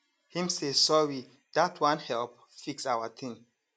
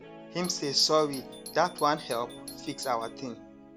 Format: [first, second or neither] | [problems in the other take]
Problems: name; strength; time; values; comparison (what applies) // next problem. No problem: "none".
first | background sound (Doorbell + Guitar); 14 dB below the speech